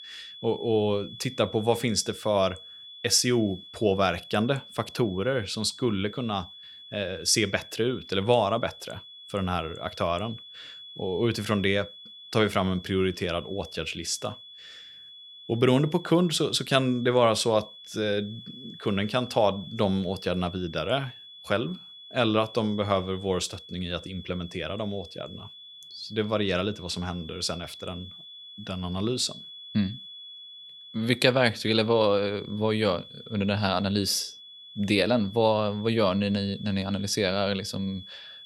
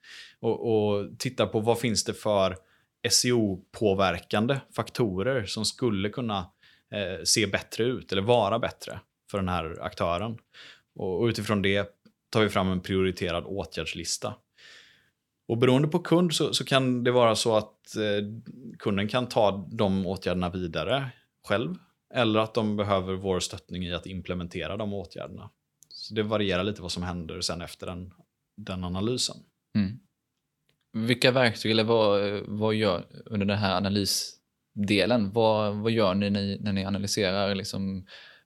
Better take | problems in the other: second | high-pitched whine; noticeable; throughout; 3.5 kHz, 15 dB below the speech

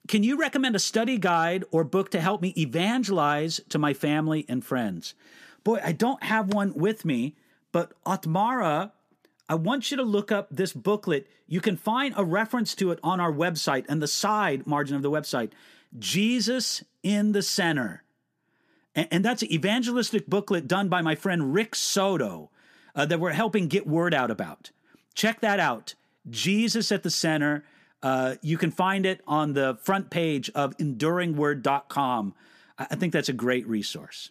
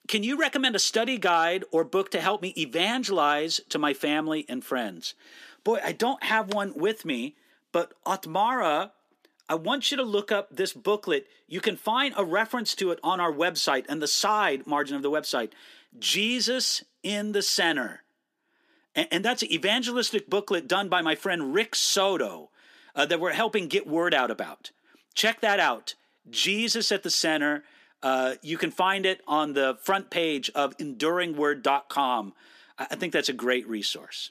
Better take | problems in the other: first | thin; somewhat; fading below 300 Hz

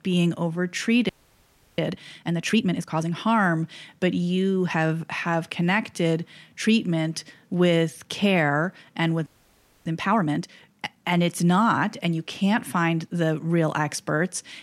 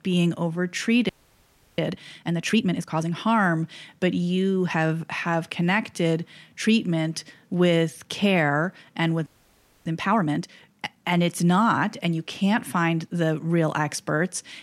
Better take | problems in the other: neither | audio freezing; at 1 s for 0.5 s and at 9.5 s for 0.5 s; the same in both

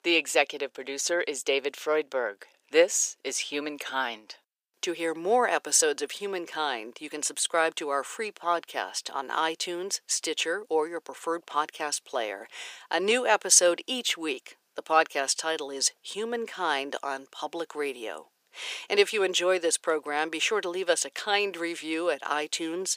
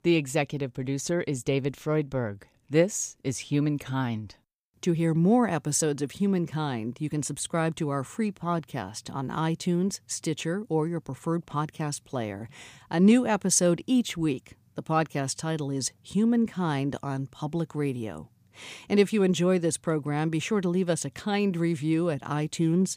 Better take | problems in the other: second | thin; very; fading below 450 Hz

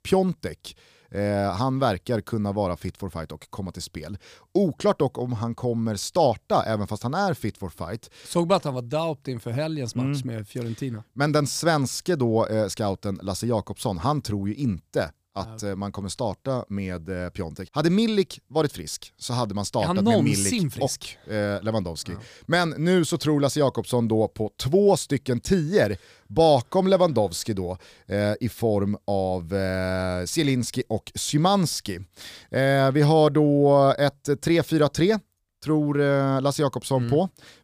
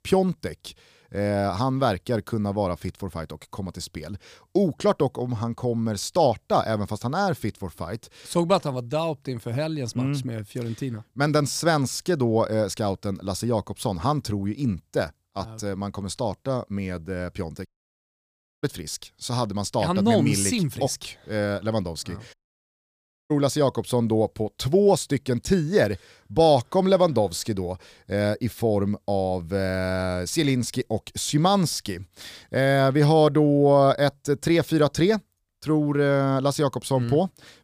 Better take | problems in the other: first | audio cutting out; at 18 s for 1 s and at 22 s for 1 s

